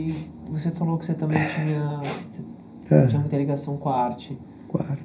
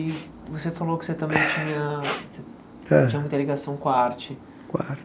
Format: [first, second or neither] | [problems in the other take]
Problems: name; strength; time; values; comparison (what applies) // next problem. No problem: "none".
second | room echo; dies away in 0.5 s